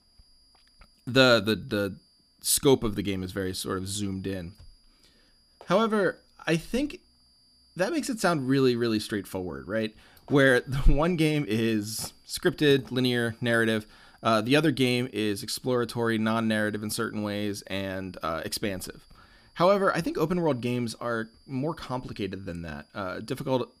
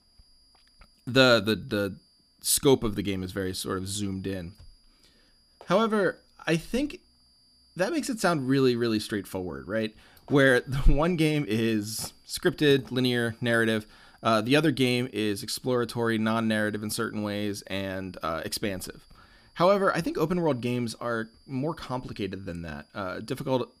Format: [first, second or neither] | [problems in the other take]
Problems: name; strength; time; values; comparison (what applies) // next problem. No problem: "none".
neither | high-pitched whine; faint; throughout; 4.5 kHz, 35 dB below the speech; the same in both